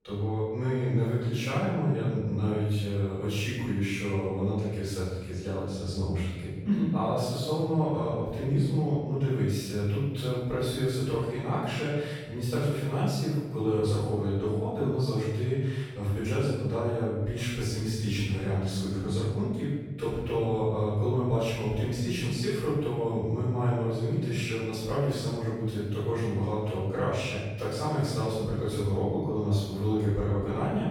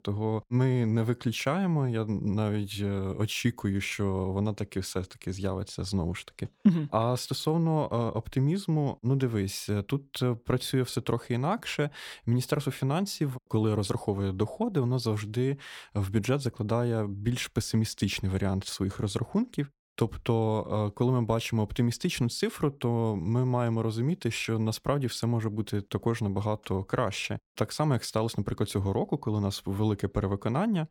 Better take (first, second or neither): second